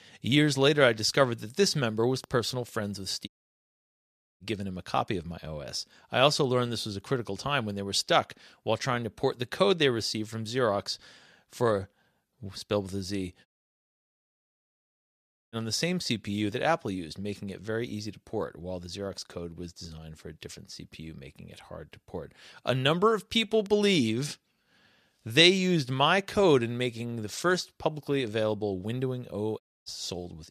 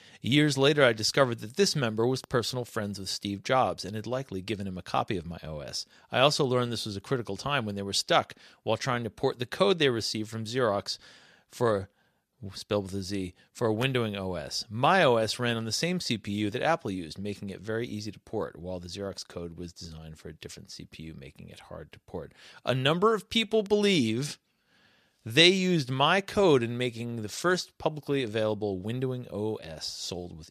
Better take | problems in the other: second | audio cutting out; at 3.5 s for 1 s, at 13 s for 2 s and at 30 s

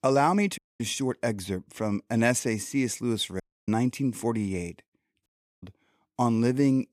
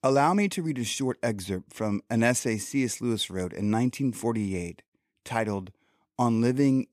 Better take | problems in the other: second | audio cutting out; at 0.5 s, at 3.5 s and at 5.5 s

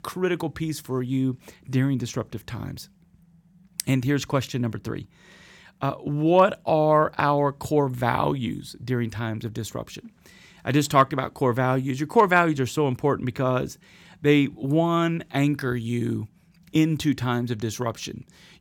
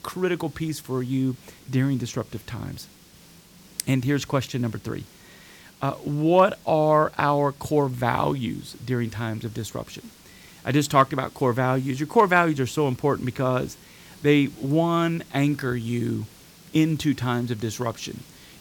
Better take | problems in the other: first | hiss; faint; throughout; 25 dB below the speech

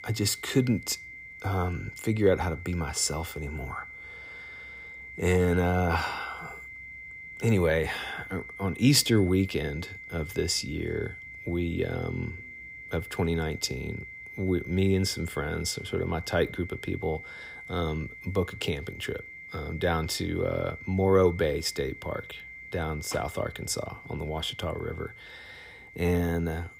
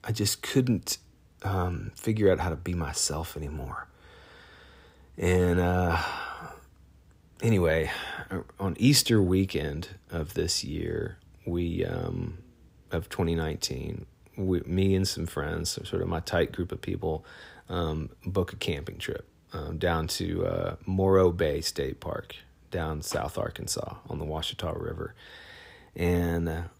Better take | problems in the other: second | high-pitched whine; noticeable; throughout; 2 kHz, 15 dB below the speech

